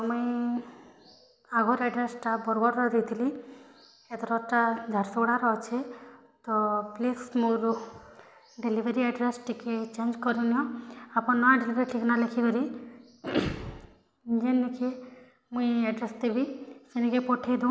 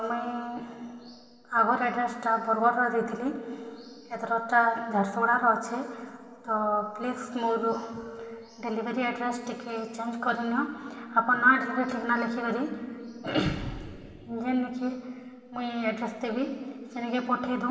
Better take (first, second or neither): first